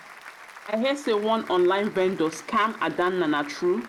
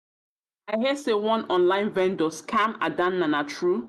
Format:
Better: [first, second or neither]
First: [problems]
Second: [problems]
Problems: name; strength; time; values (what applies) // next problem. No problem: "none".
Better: second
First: background sound (Applause); 19 dB below the speech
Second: none